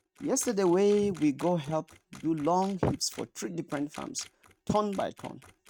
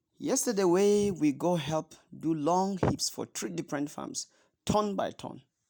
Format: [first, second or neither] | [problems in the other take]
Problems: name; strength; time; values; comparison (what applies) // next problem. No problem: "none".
second | noise reduction (neural mask model RNNoise)